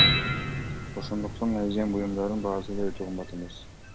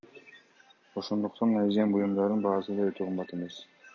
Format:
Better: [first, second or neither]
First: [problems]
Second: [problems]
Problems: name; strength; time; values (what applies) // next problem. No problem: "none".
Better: second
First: background sound (Piano); 1 dB above the speech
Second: none